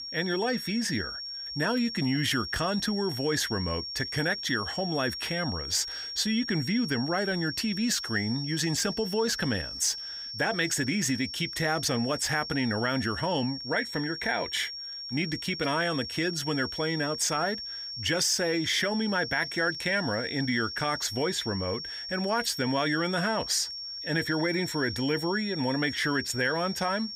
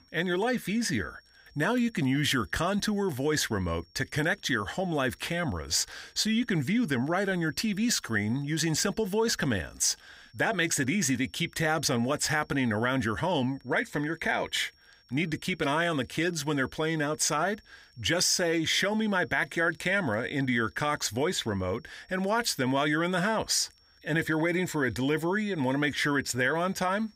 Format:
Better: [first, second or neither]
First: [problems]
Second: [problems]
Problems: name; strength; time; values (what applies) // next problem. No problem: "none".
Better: second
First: high-pitched whine; loud; throughout; 5.5 kHz, 6 dB below the speech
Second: high-pitched whine; faint; throughout; 5.5 kHz, 30 dB below the speech